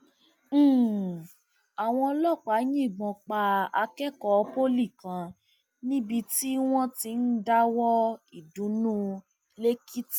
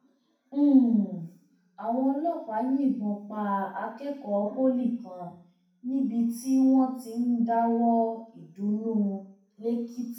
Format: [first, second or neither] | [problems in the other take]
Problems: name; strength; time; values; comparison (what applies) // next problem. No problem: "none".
first | room echo; dies away in 0.6 s